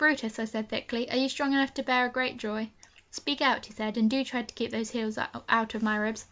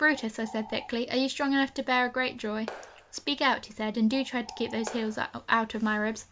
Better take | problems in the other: first | background sound (Bird + Clapping); 17 dB below the speech

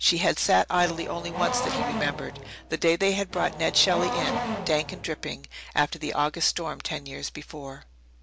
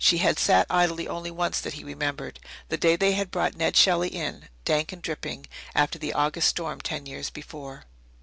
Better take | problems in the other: second | background sound (Race car, auto racing / Accelerating, revving, vroom); 5 dB below the speech

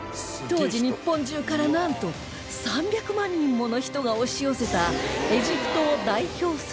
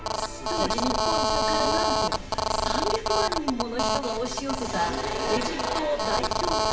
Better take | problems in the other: first | background sound (Telephone); 3 dB above the speech // room echo; dies away in 1.4 s

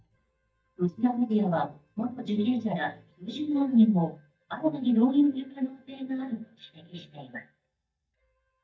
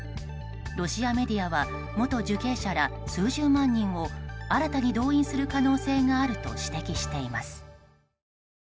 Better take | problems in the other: second | noise reduction (neural mask model DeepFilterNet 3)

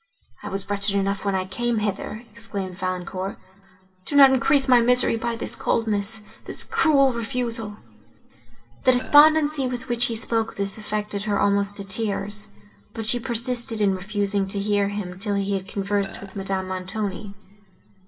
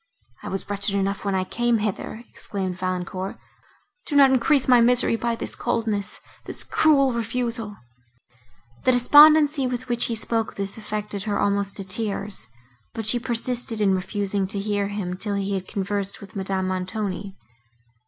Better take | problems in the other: second | background sound (Burping, eructation); 15 dB below the speech // room echo; dies away in 0.1 s

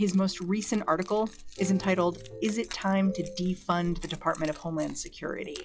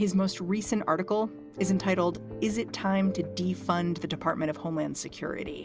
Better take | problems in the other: second | noise reduction (classical method log-MMSE)

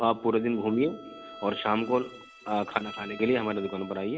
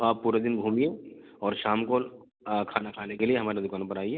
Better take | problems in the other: second | background sound (Bowed string instrument); 17 dB below the speech

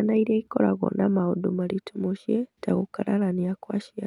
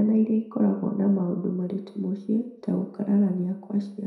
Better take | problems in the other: first | room echo; dies away in 0.6 s

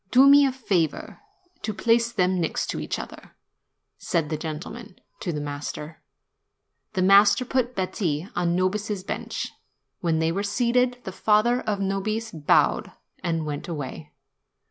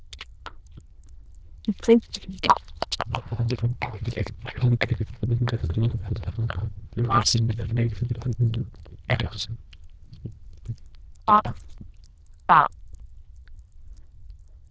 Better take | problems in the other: first | noise reduction (neural diffusion model UNIVERSE++)

